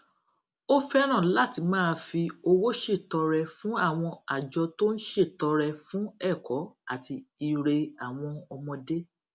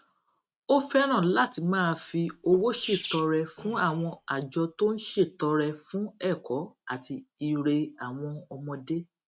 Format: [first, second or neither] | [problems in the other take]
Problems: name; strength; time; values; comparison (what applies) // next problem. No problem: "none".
first | noise reduction (neural mask model RNNoise)